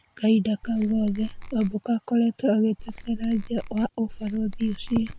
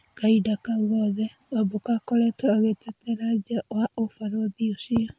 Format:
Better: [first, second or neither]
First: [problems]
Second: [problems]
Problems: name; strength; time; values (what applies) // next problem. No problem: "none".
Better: second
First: background sound (Squeak / Tools); 11 dB below the speech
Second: none